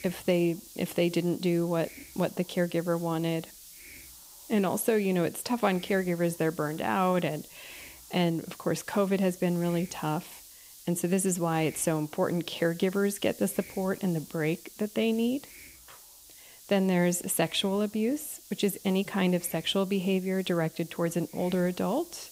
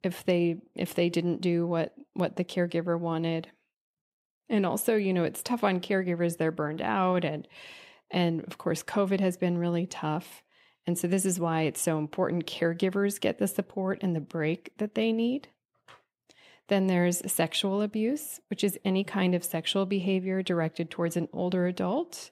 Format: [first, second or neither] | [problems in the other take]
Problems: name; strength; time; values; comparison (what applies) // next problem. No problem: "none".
second | hiss; noticeable; throughout; 20 dB below the speech